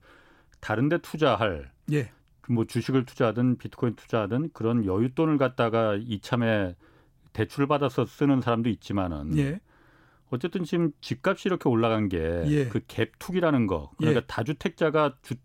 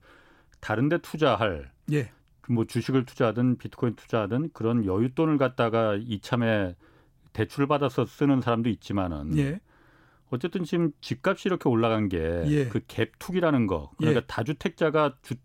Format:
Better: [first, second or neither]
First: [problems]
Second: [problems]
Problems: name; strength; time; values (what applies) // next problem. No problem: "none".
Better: neither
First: none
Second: none